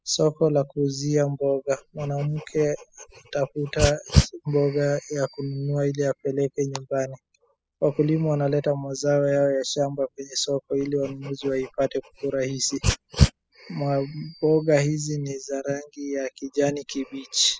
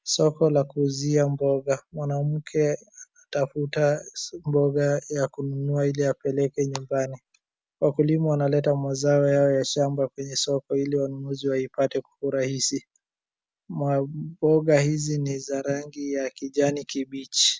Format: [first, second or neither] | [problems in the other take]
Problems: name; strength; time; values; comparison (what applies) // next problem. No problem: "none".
second | noise reduction (classical method spectral subtraction)